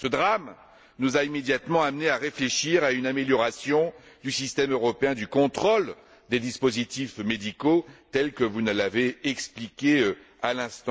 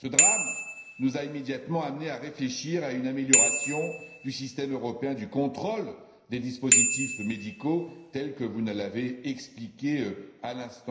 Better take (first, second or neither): first